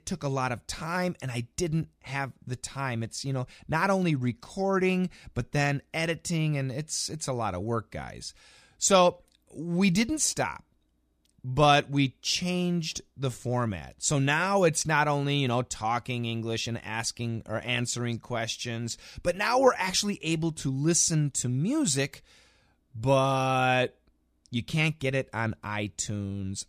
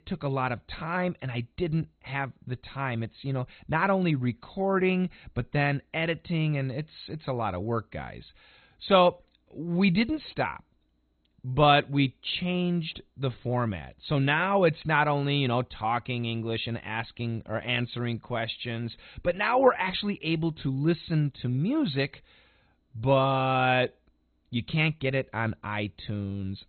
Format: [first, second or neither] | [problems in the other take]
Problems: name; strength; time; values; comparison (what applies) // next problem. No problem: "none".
first | garbled, watery; badly; nothing above 4 kHz